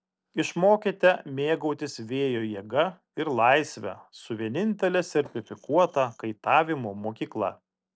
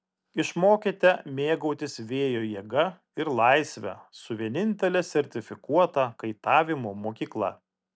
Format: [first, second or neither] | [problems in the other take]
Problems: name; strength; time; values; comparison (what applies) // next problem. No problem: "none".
second | noise reduction (neural separator model SepFormer DNS4)